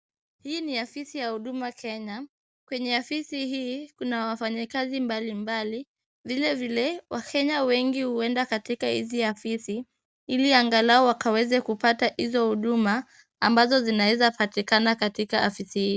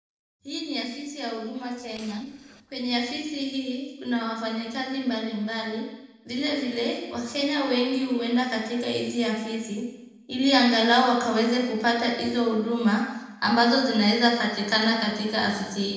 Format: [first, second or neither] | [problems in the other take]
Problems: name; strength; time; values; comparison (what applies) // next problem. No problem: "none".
first | noise reduction (neural separator model SepFormer DNS4)